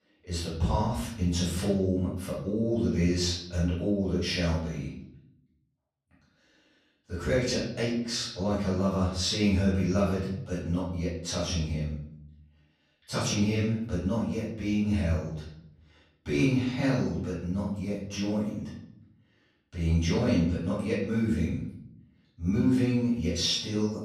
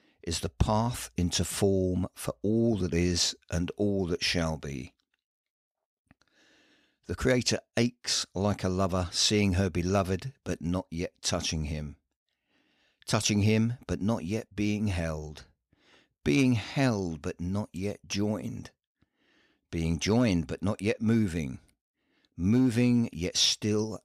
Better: second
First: off-mic speech; far // room echo; noticeable; dies away in 0.7 s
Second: none

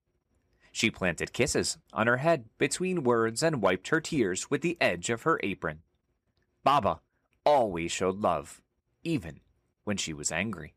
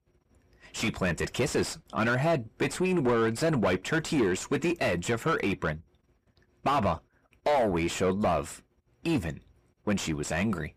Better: first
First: none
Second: distortion; heavy; 5 dB below the speech

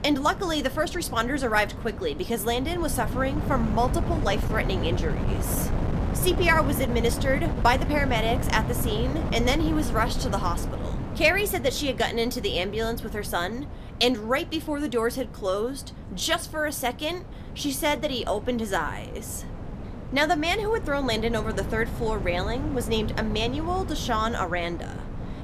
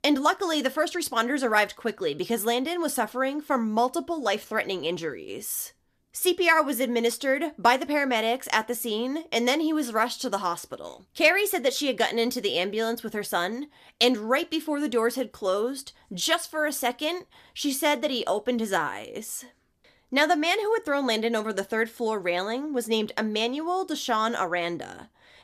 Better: second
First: wind noise on the microphone; occasional gusts; 10 dB below the speech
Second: none

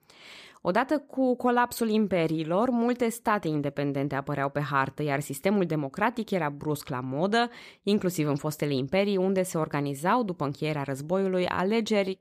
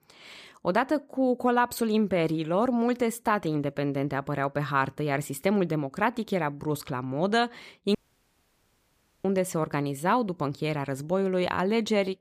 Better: first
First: none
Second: audio cutting out; at 8 s for 1.5 s

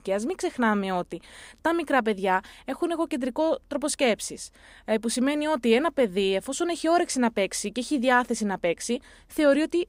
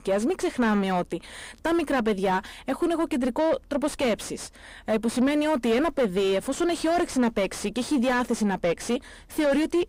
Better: first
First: none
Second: distortion; heavy; 6 dB below the speech

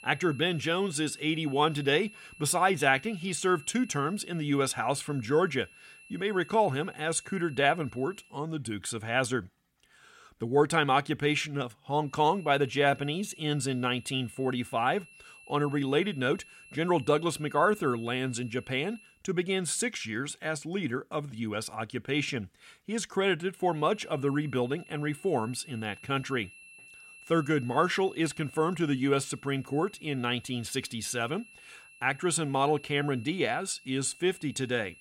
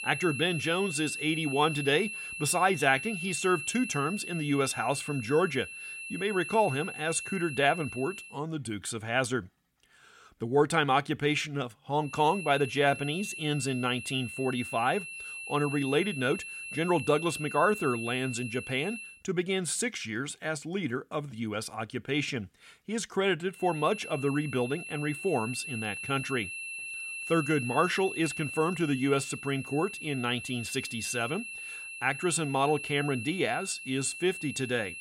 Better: first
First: high-pitched whine; faint; until 8.5 s, from 12 to 19 s and from 24 s on; 2.5 kHz, 20 dB below the speech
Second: high-pitched whine; loud; until 8.5 s, from 12 to 19 s and from 24 s on; 2.5 kHz, 8 dB below the speech

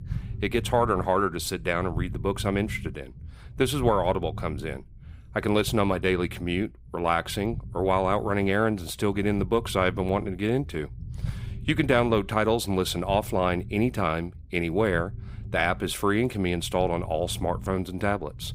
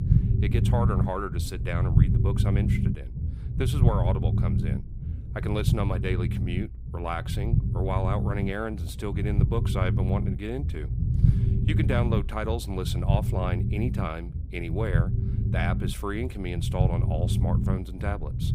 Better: first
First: low rumble; faint; throughout; 25 dB below the speech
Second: low rumble; loud; throughout; 5 dB below the speech

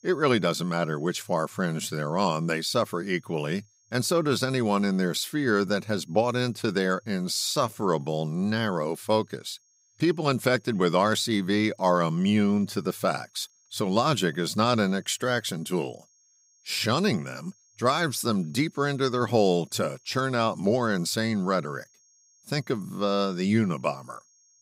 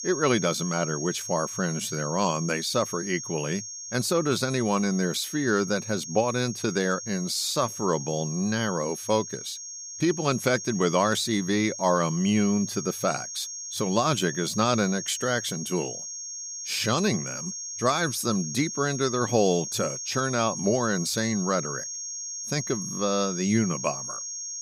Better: first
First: high-pitched whine; faint; throughout; 6.5 kHz, 35 dB below the speech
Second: high-pitched whine; loud; throughout; 6.5 kHz, 7 dB below the speech

